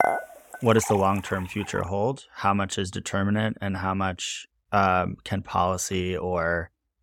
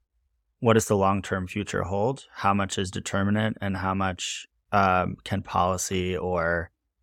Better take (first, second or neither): second